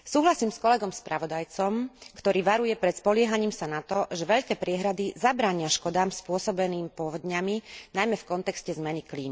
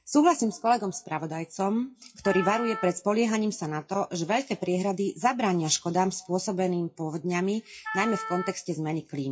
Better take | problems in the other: first | noise reduction (classical method WPE with log-MMSE)

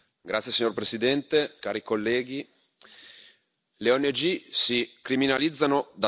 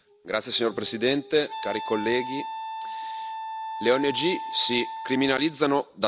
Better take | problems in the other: first | background sound (Wind instrument, woodwind instrument); 9 dB below the speech

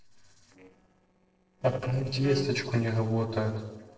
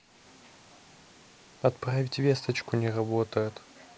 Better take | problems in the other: second | noise reduction (neural separator model SepFormer DNS4)

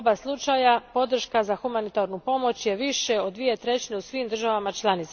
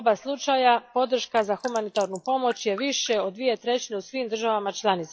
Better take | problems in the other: first | noise reduction (classical method log-MMSE)

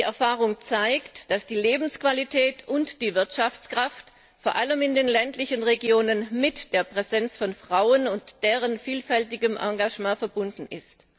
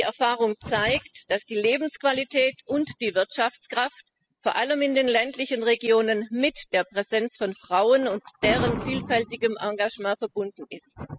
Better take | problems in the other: first | noise reduction (classical method spectral subtraction)

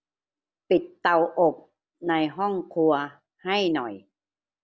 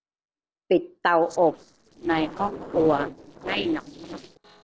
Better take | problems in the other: first | noise reduction (neural separator model SepFormer DNS4)

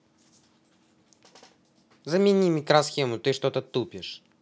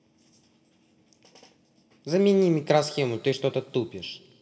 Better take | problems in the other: first | room echo; dies away in 1.6 s

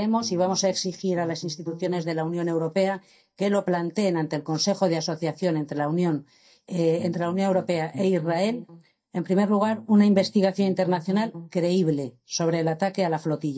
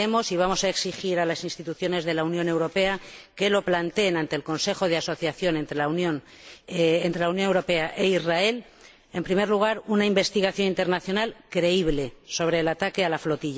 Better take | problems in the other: second | noise reduction (neural mask model DeepFilterNet 3)

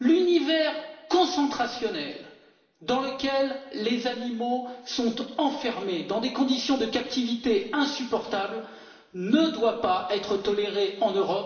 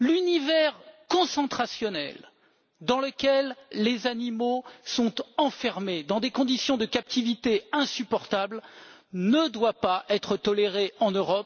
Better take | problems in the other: second | room echo; dies away in 0.9 s

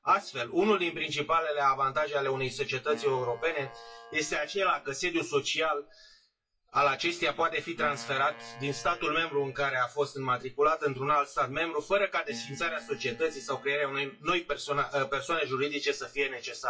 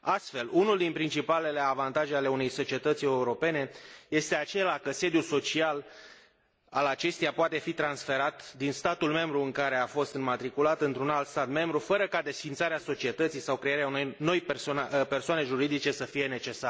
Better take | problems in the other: second | noise reduction (classical method WPE with log-MMSE)

